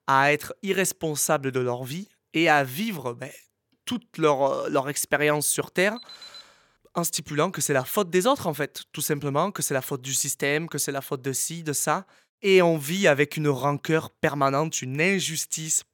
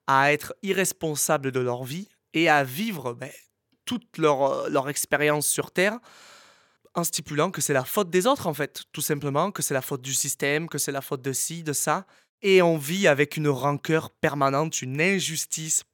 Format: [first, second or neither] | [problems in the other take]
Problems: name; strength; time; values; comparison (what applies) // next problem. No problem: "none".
second | alarm; faint; at 6 s; peak 20 dB below the speech